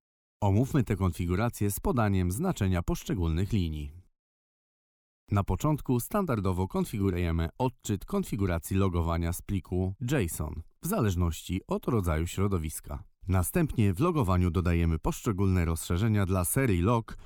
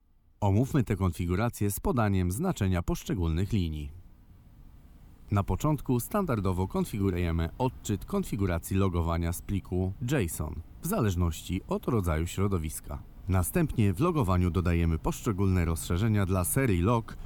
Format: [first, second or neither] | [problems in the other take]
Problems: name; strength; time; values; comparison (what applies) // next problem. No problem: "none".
first | animal sounds; faint; throughout; 20 dB below the speech